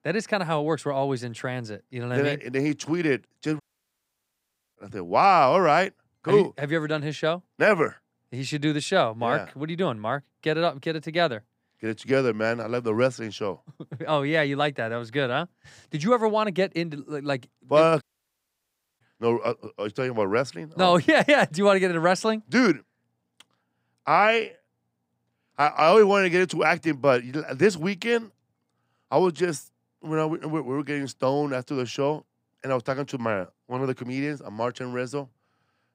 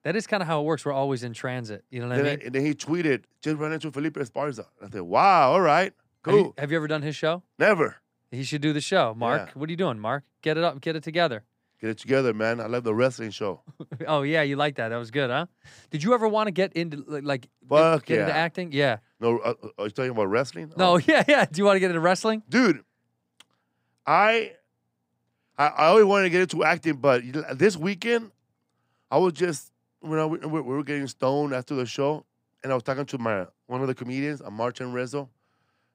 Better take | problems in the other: second | audio cutting out; at 3.5 s for 1 s and at 18 s for 1 s

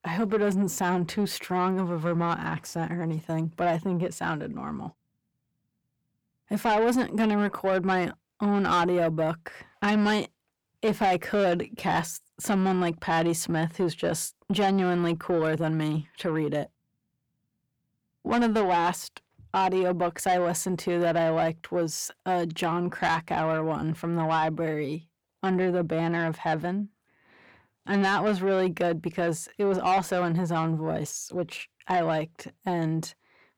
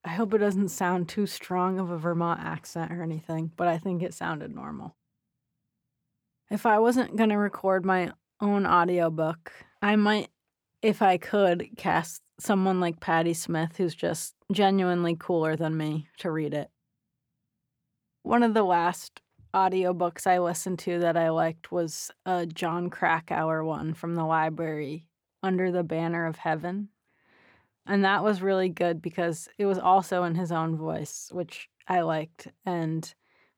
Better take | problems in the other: second | distortion; slight; 10 dB below the speech

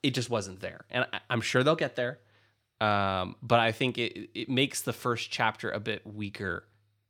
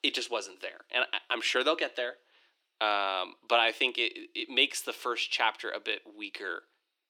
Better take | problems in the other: first | thin; somewhat; fading below 300 Hz

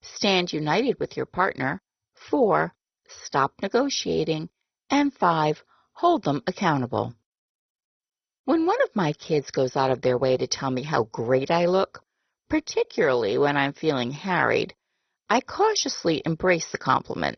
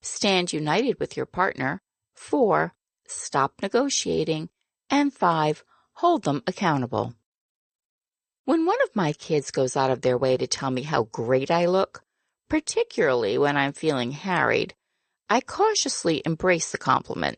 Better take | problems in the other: second | garbled, watery; badly; nothing above 6 kHz; slightly in the second

